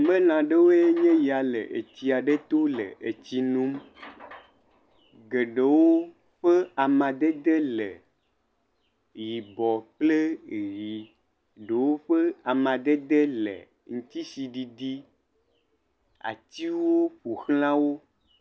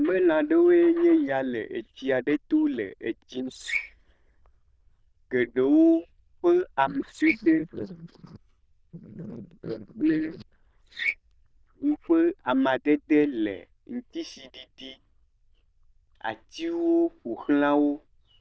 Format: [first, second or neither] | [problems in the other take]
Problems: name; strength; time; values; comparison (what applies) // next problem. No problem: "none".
first | noise reduction (neural diffusion model UNIVERSE++)